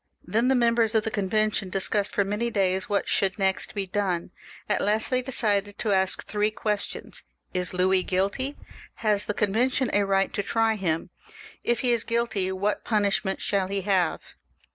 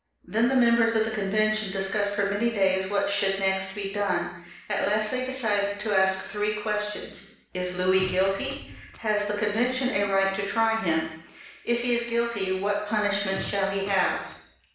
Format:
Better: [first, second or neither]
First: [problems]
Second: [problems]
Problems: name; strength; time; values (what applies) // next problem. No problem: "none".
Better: first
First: none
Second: background sound (Fart); 16 dB below the speech // room echo; dies away in 0.7 s